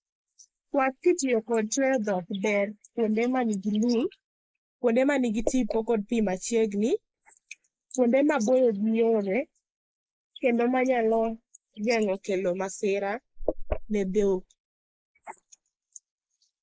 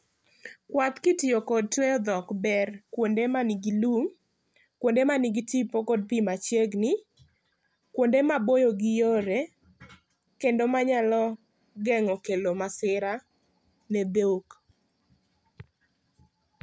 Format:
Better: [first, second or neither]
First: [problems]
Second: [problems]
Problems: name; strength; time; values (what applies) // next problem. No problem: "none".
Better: second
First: noise reduction (neural mask model Resemble Enhance denoiser)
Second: none